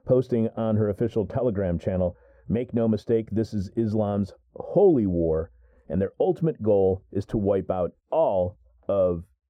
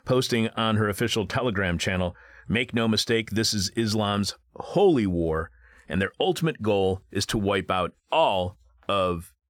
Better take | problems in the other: second | muffled; very; fading above 1 kHz

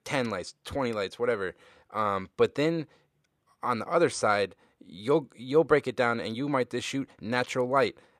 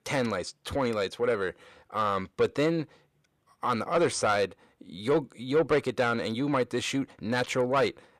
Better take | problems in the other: first | distortion; slight; 10 dB below the speech

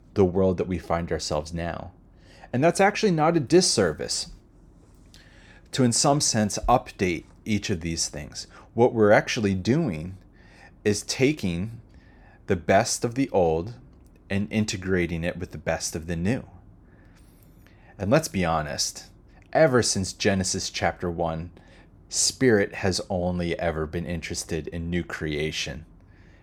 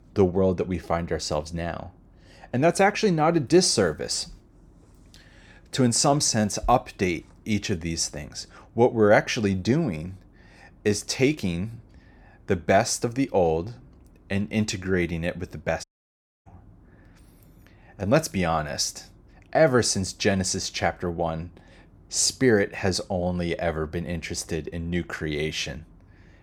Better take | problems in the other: first | audio cutting out; at 16 s for 0.5 s

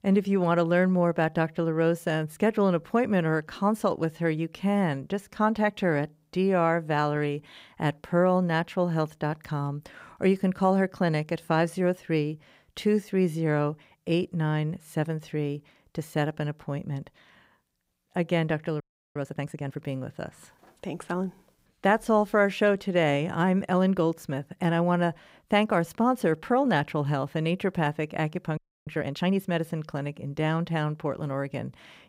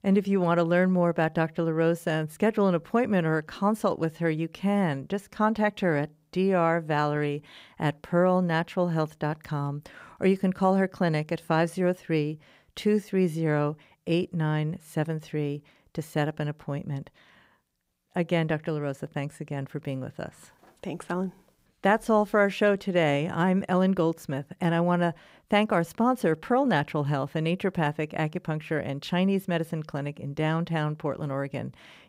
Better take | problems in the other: second | audio freezing; at 19 s and at 29 s

